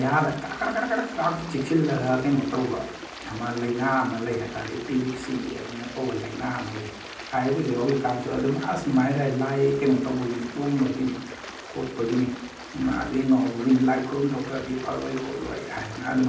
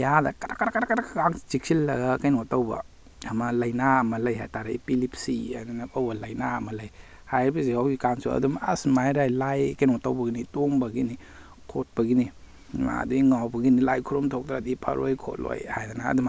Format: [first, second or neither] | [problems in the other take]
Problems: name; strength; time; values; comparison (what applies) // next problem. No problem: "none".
second | background sound (Stream); 14 dB below the speech // room echo; dies away in 0.6 s